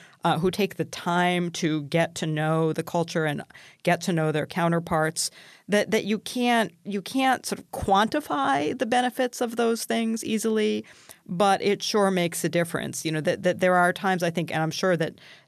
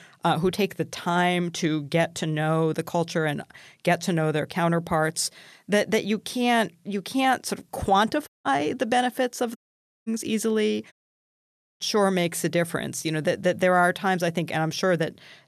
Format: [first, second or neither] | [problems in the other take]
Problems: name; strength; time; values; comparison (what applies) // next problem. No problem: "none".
first | audio cutting out; at 8.5 s, at 9.5 s for 0.5 s and at 11 s for 1 s